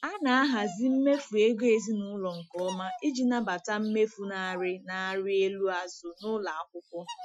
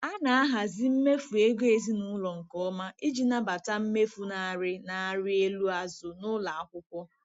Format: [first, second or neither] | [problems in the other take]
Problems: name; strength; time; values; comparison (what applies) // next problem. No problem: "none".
second | noise reduction (classical method Wiener filter)